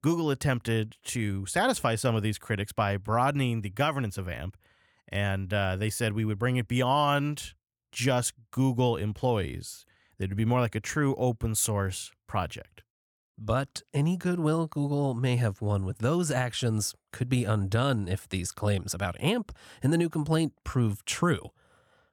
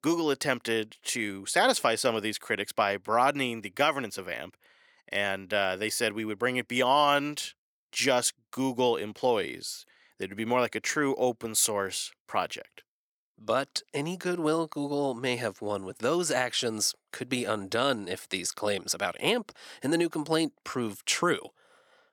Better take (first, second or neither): first